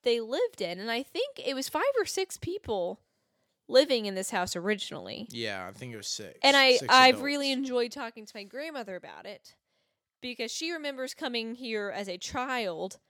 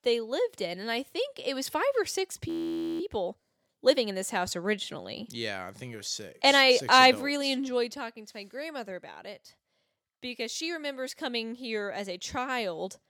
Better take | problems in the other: first | audio freezing; at 2.5 s for 0.5 s

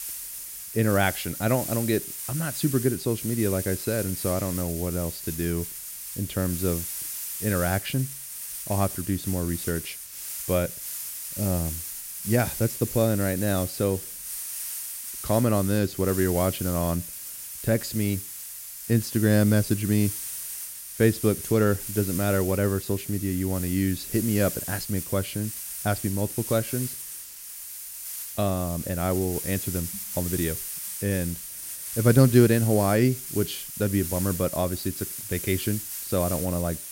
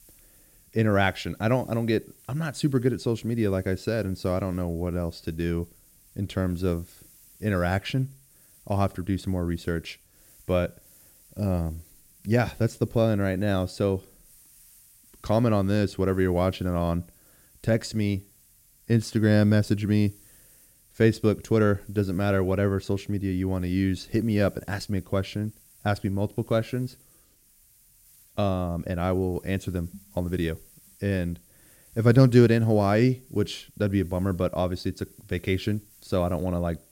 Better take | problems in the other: second | hiss; loud; throughout; 6 dB below the speech; faint in the second

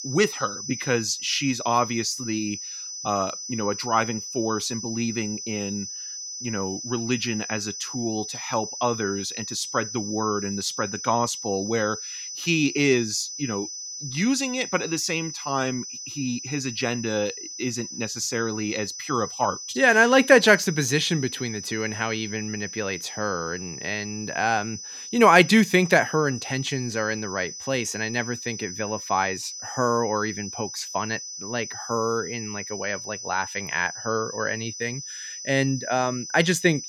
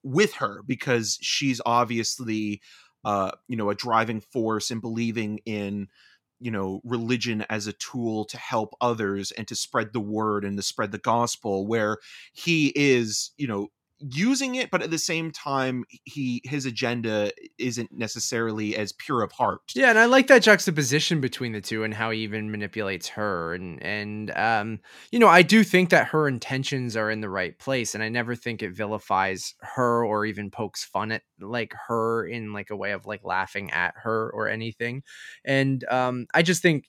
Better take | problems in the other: second | high-pitched whine; loud; throughout; 6 kHz, 8 dB below the speech

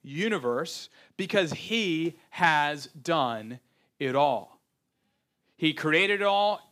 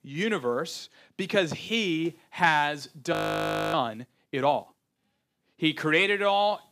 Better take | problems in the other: first | audio freezing; at 3 s for 0.5 s

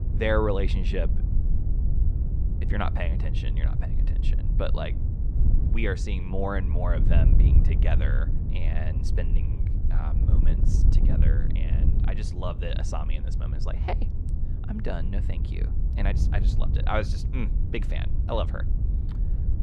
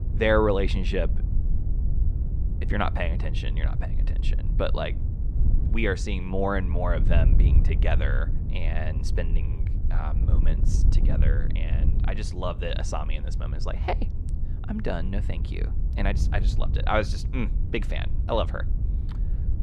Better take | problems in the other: second | wind noise on the microphone; heavy; 8 dB below the speech; occasional gusts in the second

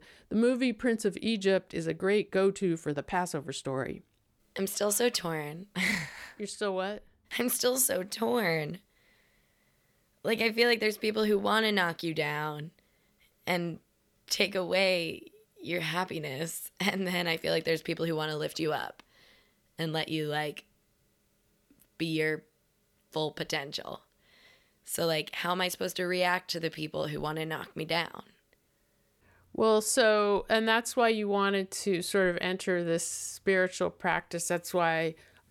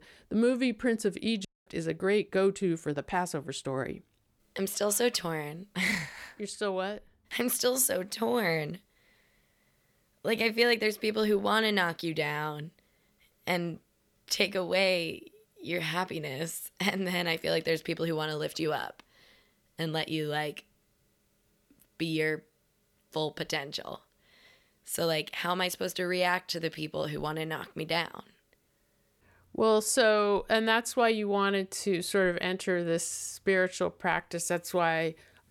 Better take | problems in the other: first | audio cutting out; at 1.5 s

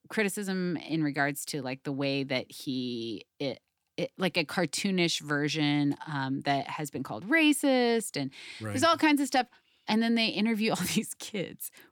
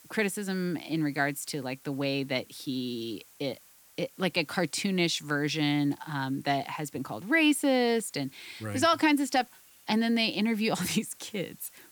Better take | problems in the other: first | hiss; faint; throughout; 25 dB below the speech

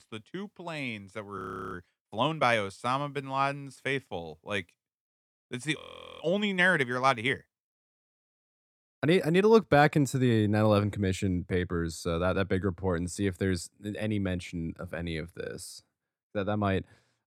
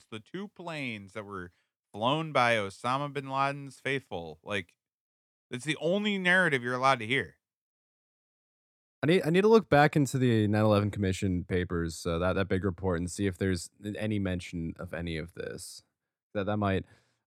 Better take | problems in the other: second | audio freezing; at 1.5 s and at 6 s

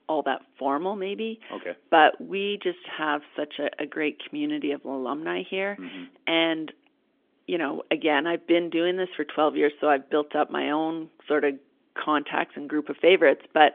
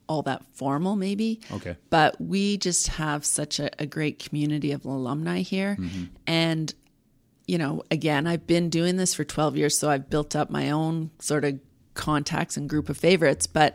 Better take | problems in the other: second | phone-call audio; nothing above 3.5 kHz

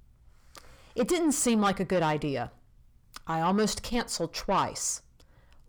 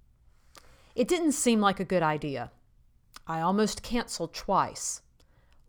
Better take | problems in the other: second | distortion; slight; 10 dB below the speech

